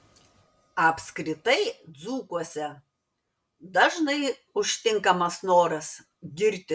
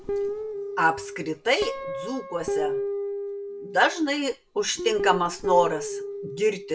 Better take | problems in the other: first | background sound (Guitar); 5 dB below the speech

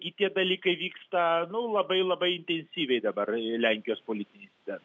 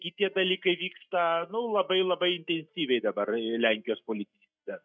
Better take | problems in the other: first | noise reduction (neural mask model DeepFilterNet 3)

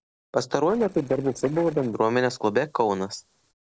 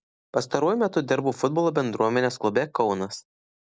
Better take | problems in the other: second | noise reduction (neural separator model SepFormer DNS4)

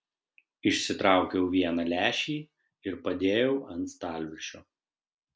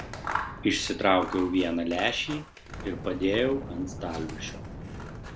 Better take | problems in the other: first | background sound (Fire + Scissors); 9 dB below the speech

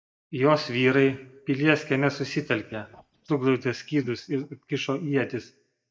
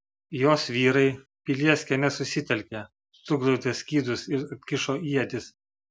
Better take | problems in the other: second | noise reduction (neural mask model DeepFilterNet 3)

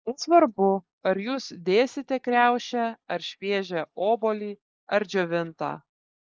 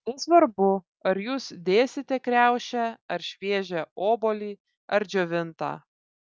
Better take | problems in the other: second | noise reduction (neural mask model Resemble Enhance denoiser)

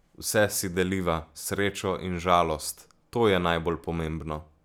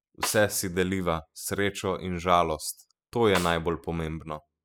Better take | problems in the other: first | noise reduction (classical method spectral subtraction)

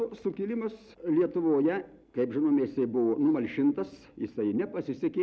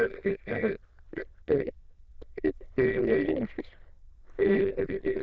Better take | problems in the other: first | noise reduction (neural diffusion model UNIVERSE++)

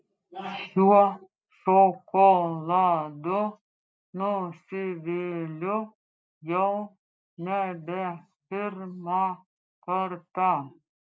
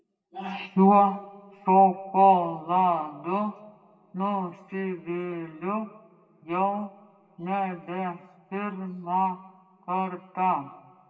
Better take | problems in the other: first | room echo; dies away in 1.3 s

